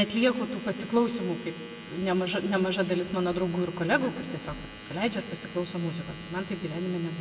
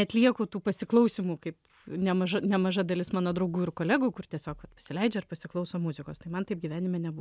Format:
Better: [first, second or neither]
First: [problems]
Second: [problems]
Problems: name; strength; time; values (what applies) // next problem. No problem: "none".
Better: second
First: background sound (Domestic sounds, home sounds); 16 dB below the speech // room echo; dies away in 1.3 s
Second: none